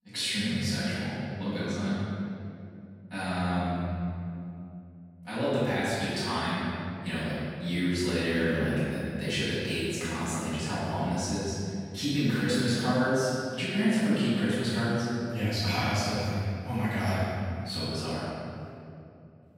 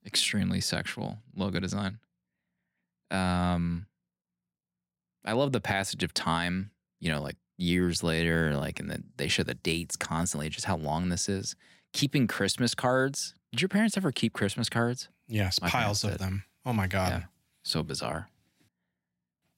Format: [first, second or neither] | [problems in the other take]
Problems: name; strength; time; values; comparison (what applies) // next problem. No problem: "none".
second | off-mic speech; far // room echo; strong; dies away in 2.4 s